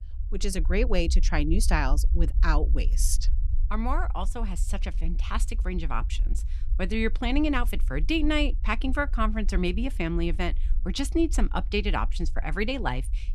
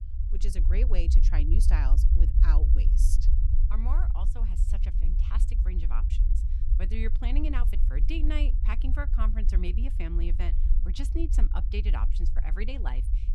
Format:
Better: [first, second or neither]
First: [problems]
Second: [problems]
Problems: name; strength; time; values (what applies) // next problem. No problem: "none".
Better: first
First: low rumble; faint; throughout; 20 dB below the speech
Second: low rumble; loud; throughout; 7 dB below the speech